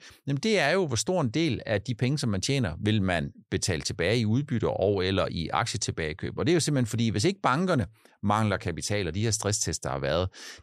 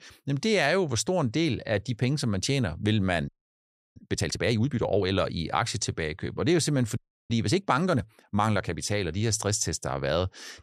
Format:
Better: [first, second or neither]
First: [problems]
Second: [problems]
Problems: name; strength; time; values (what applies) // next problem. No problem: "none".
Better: first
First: none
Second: audio freezing; at 3.5 s for 0.5 s and at 7 s